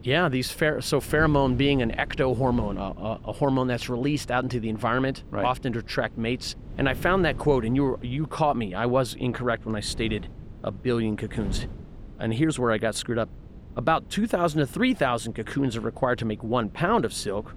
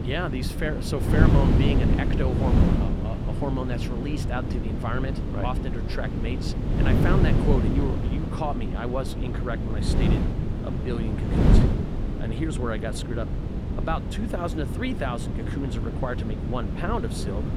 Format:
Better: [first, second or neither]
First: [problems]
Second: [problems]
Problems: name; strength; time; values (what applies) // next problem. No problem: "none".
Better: first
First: wind noise on the microphone; occasional gusts; 25 dB below the speech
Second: wind noise on the microphone; heavy; 1 dB below the speech